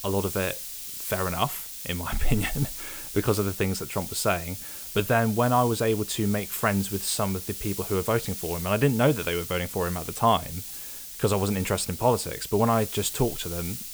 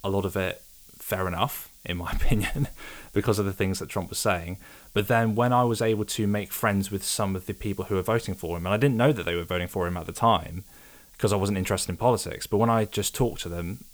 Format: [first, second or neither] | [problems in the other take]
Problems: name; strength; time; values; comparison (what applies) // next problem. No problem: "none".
second | hiss; loud; throughout; 8 dB below the speech; faint in the second